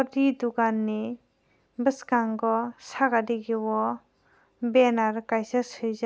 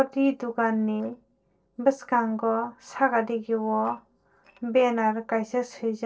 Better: first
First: none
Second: noise reduction (neural separator model SepFormer DNS4)

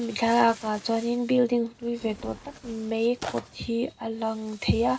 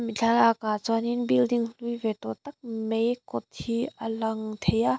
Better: second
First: background sound (Tearing); 18 dB below the speech // room echo; dies away in 0.2 s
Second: none

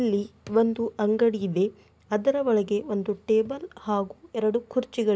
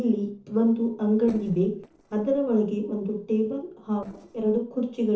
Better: first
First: none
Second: noise reduction (neural separator model SepFormer DNS4)

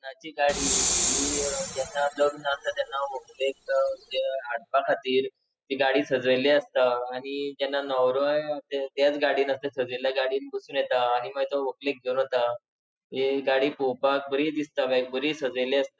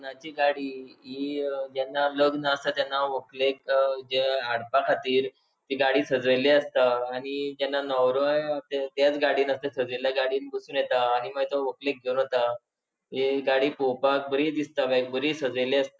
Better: second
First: noise reduction (classical method spectral subtraction)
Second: none

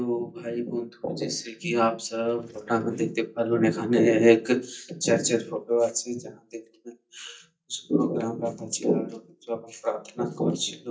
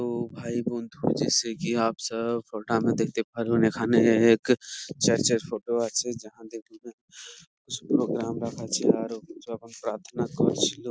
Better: second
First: noise reduction (neural mask model DeepFilterNet 3)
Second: none

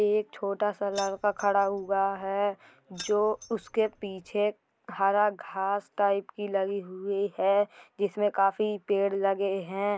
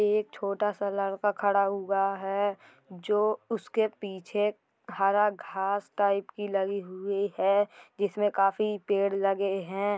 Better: second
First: background sound (Keys jangling); 19 dB below the speech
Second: none

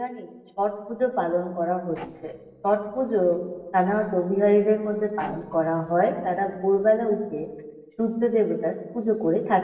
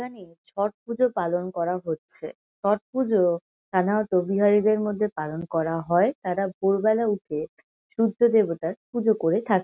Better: second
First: noise reduction (neural separator model SepFormer DNS4)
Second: none

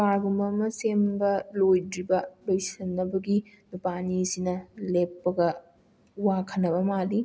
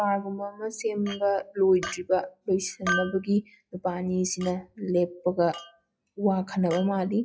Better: first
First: none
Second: noise reduction (classical method log-MMSE)

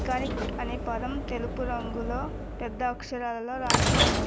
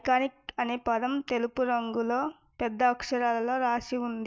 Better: second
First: background sound (Sliding door / Train); 4 dB above the speech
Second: none

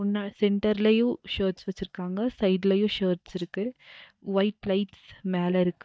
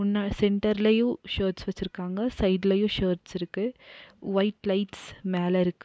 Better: second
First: noise reduction (neural mask model DeepFilterNet 3)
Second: none

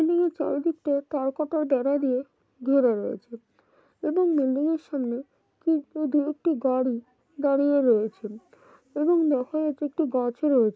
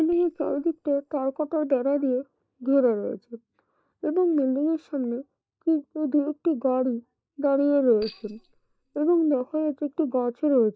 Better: first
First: none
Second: noise reduction (neural mask model DeepFilterNet 3)

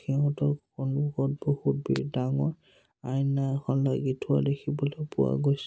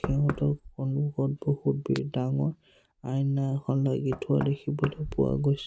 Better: first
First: none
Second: background sound (Knock); 13 dB below the speech

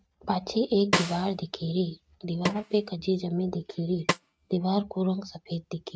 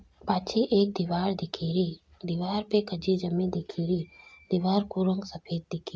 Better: second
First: noise reduction (neural mask model RNNoise)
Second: none

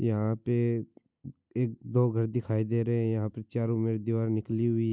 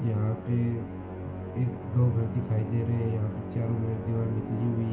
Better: first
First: none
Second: background sound (Musical instrument); 7 dB below the speech // room echo; dies away in 0.4 s

